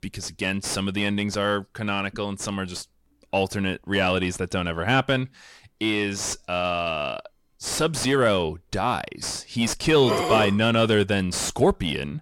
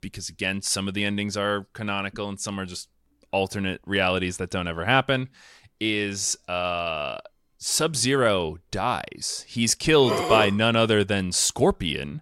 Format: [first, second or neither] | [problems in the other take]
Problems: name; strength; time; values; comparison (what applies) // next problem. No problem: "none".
second | distortion; slight; 9 dB below the speech